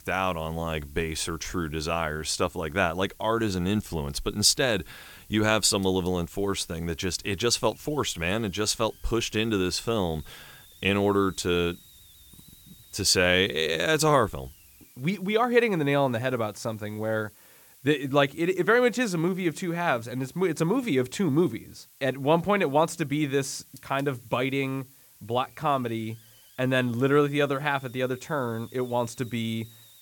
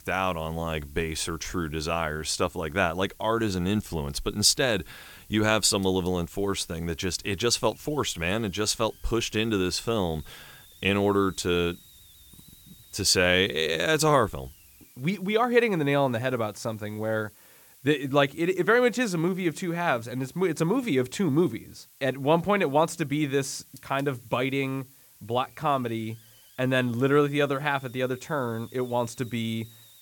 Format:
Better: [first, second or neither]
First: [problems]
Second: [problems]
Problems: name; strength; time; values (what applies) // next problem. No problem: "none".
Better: neither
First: hiss; faint; throughout; 25 dB below the speech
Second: hiss; faint; throughout; 25 dB below the speech